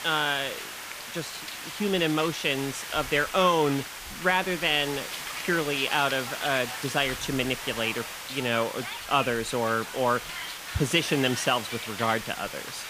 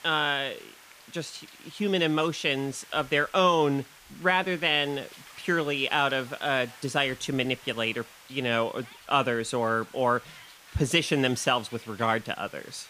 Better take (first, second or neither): second